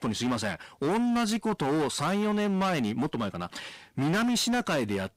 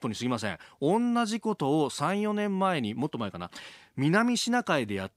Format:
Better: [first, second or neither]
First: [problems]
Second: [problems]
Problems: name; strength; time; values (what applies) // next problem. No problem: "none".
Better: second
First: distortion; heavy; 23% of the sound clipped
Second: none